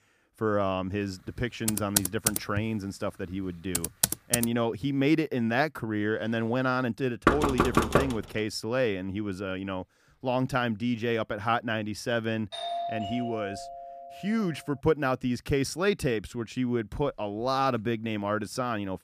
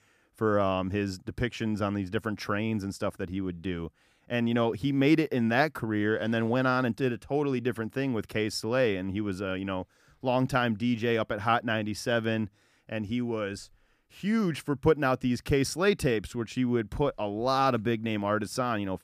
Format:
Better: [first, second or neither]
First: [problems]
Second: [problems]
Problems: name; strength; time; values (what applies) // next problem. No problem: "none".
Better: second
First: keyboard typing; loud; from 1.5 to 4.5 s; peak 4 dB above the speech // door banging; loud; at 7.5 s; peak 5 dB above the speech // doorbell; noticeable; from 13 to 15 s; peak 3 dB below the speech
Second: none